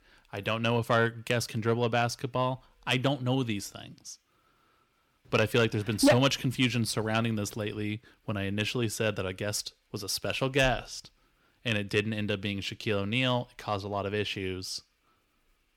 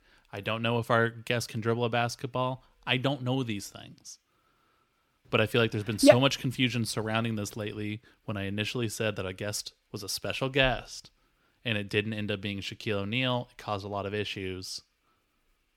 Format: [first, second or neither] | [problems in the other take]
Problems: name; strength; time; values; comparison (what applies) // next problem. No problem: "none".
second | distortion; slight; 10 dB below the speech